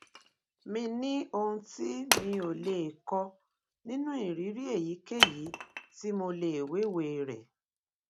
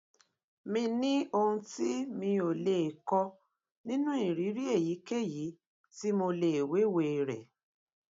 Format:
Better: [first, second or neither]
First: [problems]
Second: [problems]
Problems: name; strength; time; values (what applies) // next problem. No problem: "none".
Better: second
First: background sound (Wood); 3 dB below the speech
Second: none